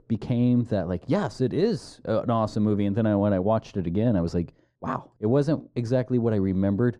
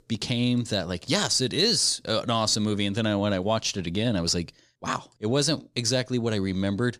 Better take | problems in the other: second | muffled; very; fading above 2 kHz

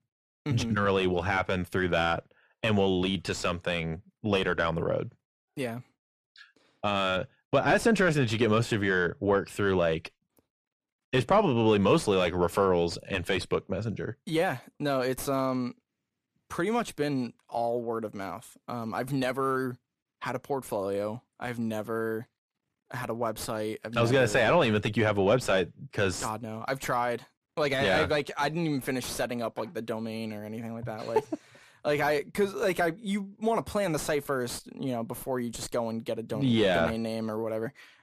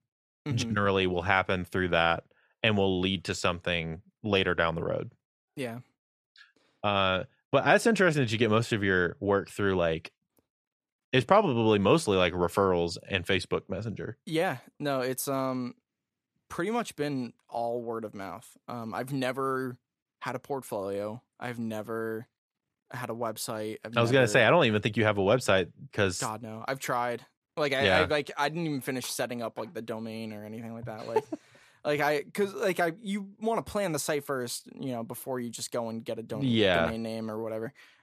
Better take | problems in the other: second | distortion; slight; 10 dB below the speech

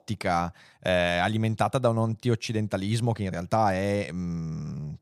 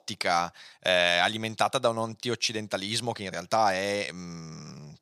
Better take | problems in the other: first | thin; somewhat; fading below 650 Hz

